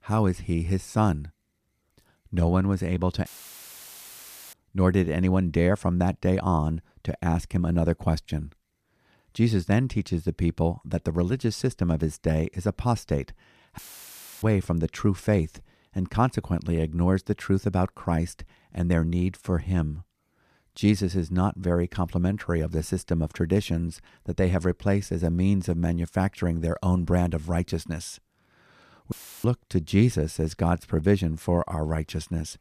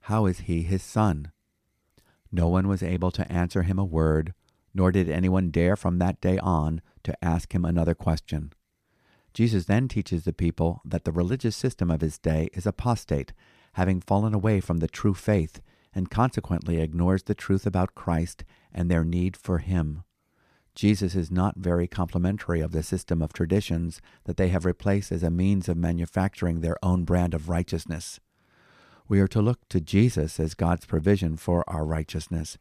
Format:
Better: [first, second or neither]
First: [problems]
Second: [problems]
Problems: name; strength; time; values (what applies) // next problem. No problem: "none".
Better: second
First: audio cutting out; filled with static; at 3.5 s for 1.5 s, at 14 s for 0.5 s and at 29 s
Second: none